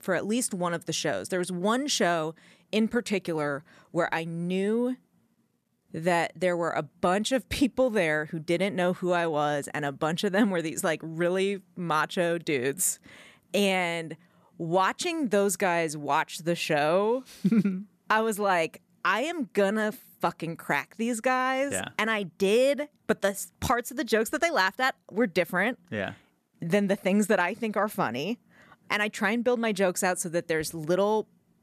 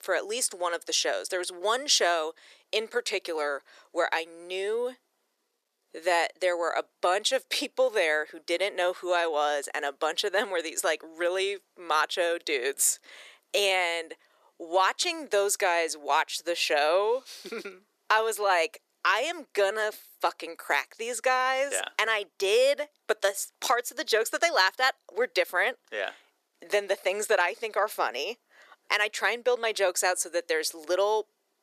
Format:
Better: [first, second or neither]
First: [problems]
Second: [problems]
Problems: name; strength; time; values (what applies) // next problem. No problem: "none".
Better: first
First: none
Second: thin; very; fading below 400 Hz